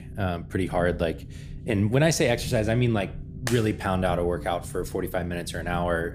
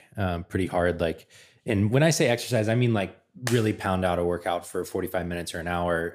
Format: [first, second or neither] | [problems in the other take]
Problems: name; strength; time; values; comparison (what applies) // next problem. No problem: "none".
second | low rumble; faint; throughout; 20 dB below the speech